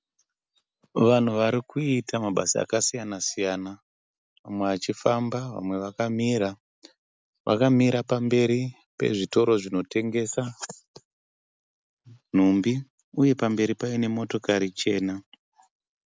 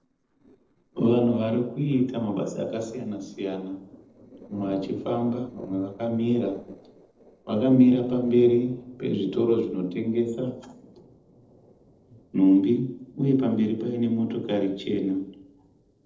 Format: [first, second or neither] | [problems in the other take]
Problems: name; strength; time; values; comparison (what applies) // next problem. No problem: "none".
first | noise reduction (neural separator model SepFormer DNS4)